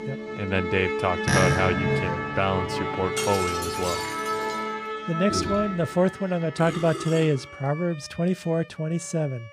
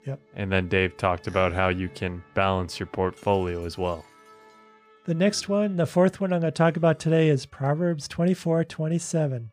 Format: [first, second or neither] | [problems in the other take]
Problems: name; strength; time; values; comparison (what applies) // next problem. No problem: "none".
second | background music; loud; throughout; 1 dB below the speech; faint in the second